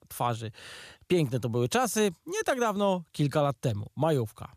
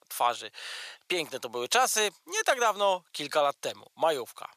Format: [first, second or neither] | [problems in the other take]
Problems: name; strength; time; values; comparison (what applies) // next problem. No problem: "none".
first | thin; very; fading below 700 Hz